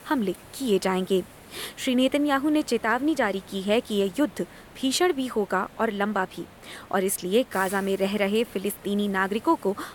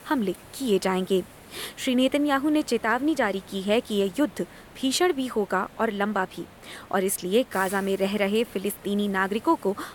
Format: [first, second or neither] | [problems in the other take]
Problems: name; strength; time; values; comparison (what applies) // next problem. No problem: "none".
neither | hiss; faint; throughout; 20 dB below the speech; the same in both